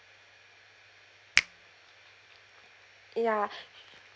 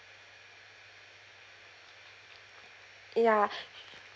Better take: second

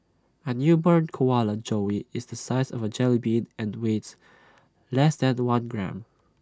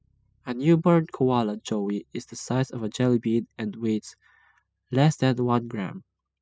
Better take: first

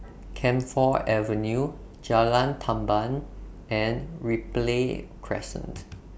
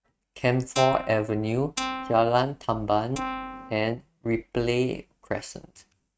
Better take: first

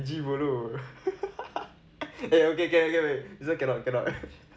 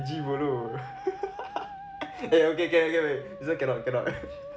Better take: first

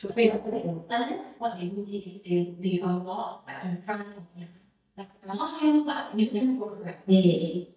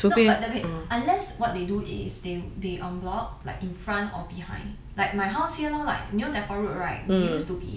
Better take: second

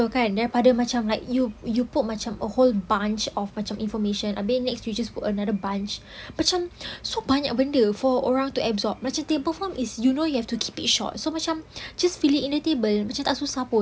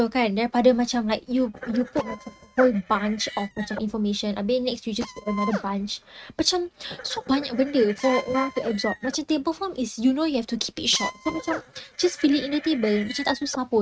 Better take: first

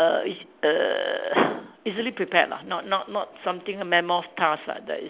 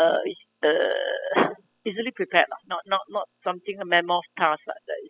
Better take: first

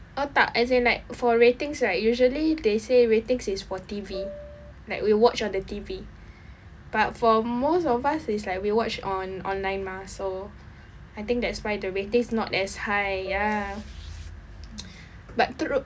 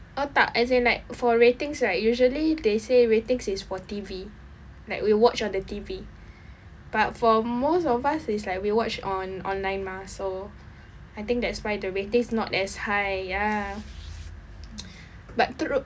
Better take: second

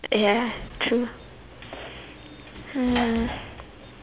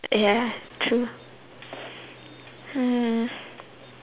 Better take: second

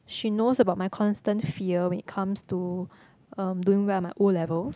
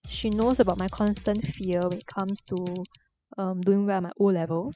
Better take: first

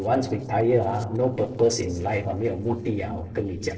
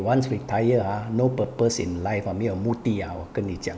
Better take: second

